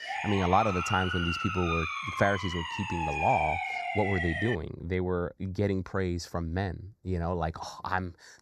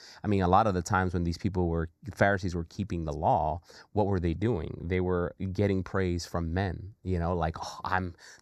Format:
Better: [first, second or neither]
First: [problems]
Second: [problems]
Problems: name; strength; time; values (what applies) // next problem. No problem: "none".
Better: second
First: siren; loud; until 4.5 s; peak 1 dB above the speech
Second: none